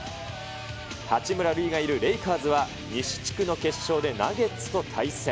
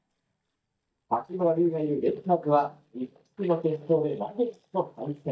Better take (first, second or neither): first